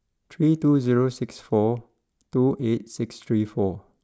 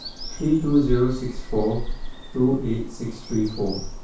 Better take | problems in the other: first | background sound (Bird vocalization, bird call, bird song); 5 dB below the speech // room echo; dies away in 0.3 s

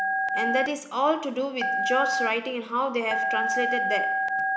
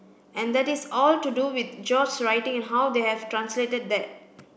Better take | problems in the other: second | background sound (Telephone); 1 dB above the speech

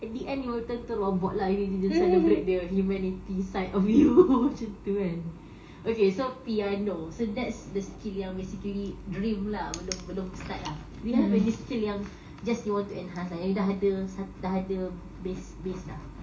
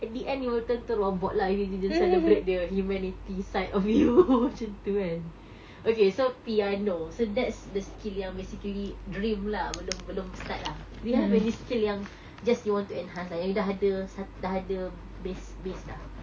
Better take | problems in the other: second | room echo; dies away in 0.4 s

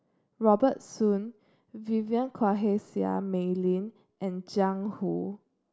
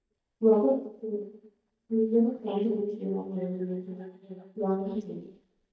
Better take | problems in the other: first | noise reduction (neural mask model DeepFilterNet 3)

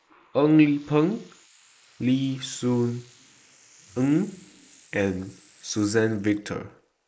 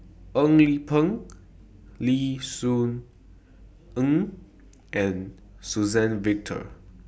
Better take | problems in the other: second | noise reduction (neural mask model Resemble Enhance denoiser)

